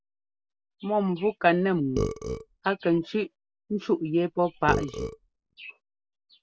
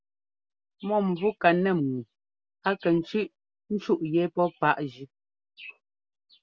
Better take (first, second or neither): second